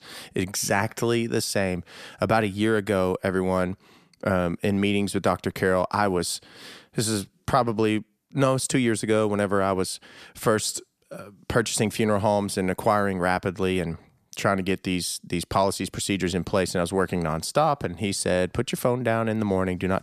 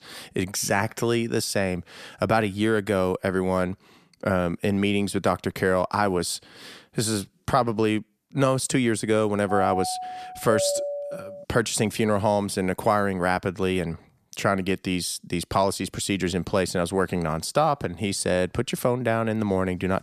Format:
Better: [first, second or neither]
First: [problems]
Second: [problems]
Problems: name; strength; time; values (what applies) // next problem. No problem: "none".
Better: first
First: none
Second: doorbell; noticeable; from 9.5 to 11 s; peak 2 dB below the speech